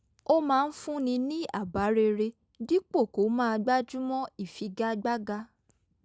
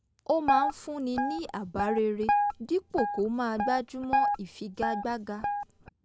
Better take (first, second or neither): first